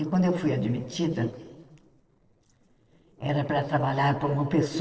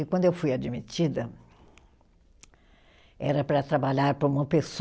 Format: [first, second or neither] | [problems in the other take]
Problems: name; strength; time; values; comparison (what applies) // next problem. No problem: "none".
second | noise reduction (neural separator model SepFormer DNS4)